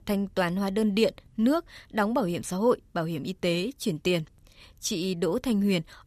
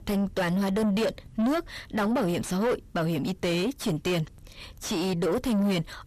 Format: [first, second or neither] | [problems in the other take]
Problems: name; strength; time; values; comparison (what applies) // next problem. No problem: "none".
first | distortion; heavy; 5 dB below the speech